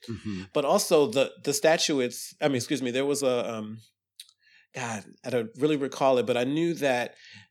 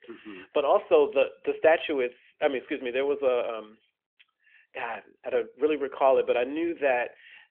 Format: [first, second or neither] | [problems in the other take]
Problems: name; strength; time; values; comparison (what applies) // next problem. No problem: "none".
first | phone-call audio; nothing above 3.5 kHz